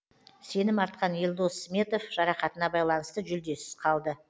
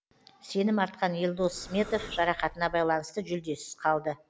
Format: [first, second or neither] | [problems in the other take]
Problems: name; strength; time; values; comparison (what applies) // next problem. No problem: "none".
first | background sound (Breathing); 16 dB below the speech